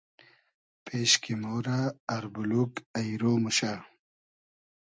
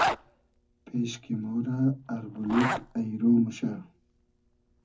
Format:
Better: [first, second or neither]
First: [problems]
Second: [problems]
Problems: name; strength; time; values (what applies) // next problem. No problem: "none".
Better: first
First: none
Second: background sound (Zipper (clothing)); 7 dB below the speech // room echo; dies away in 0.3 s